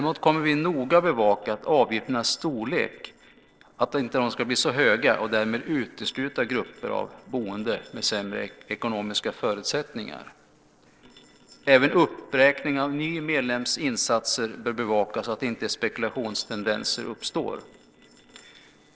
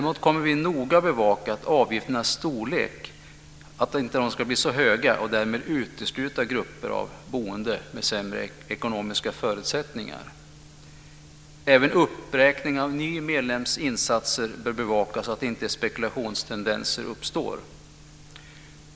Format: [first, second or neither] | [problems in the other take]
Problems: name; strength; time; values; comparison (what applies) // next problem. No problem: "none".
second | noise reduction (neural separator model SepFormer DNS4)